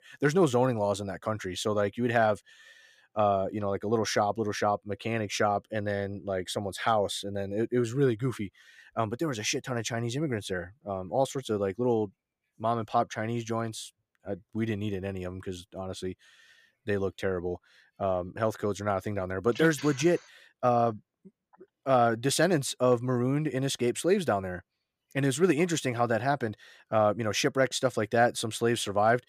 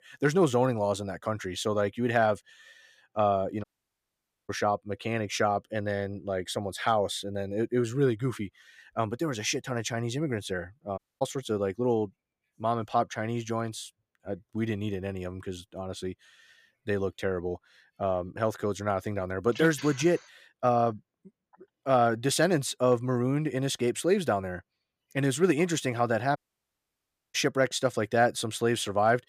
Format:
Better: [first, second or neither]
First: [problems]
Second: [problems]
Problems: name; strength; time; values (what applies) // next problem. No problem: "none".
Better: first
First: none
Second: audio cutting out; at 3.5 s for 1 s, at 11 s and at 26 s for 1 s